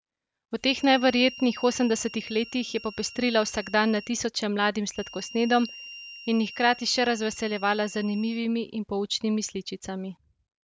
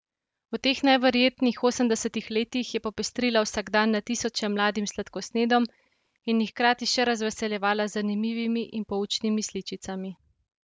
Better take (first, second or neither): second